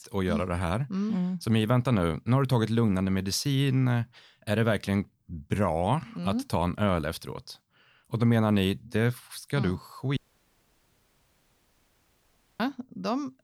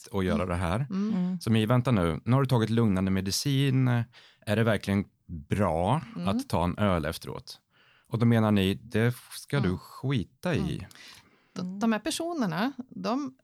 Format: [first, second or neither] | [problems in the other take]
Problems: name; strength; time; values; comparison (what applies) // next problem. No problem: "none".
second | audio cutting out; at 10 s for 2.5 s